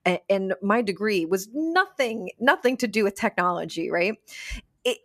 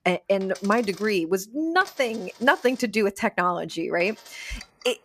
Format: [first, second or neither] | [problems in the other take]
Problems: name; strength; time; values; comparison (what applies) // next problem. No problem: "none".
first | household noises; noticeable; throughout; 20 dB below the speech